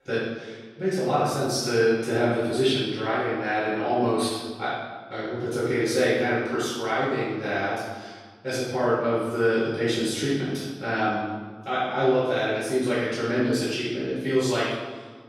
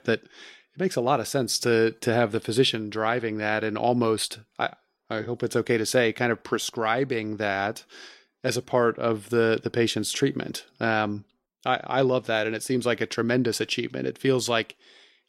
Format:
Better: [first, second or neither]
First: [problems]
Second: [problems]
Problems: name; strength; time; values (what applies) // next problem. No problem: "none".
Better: second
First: off-mic speech; far // room echo; strong; dies away in 1.2 s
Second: none